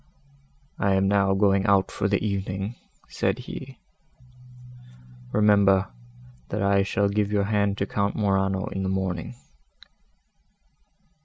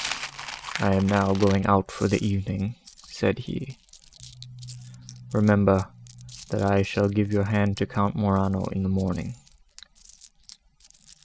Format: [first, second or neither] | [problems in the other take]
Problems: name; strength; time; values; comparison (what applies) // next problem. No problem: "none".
first | background sound (Coin (dropping)); 17 dB below the speech